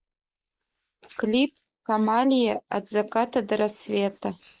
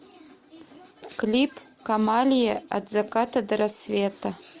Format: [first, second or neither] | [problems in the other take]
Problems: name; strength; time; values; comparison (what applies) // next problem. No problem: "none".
second | noise reduction (neural mask model Resemble Enhance denoiser)